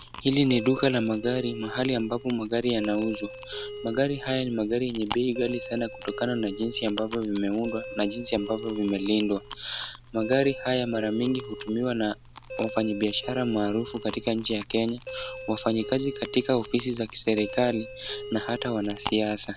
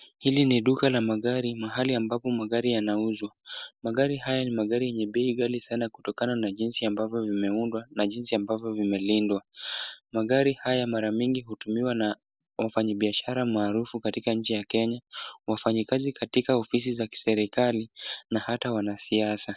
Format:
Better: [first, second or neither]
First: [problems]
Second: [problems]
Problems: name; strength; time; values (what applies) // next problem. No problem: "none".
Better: second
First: background sound (Chewing, mastication + Doorbell); 12 dB below the speech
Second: none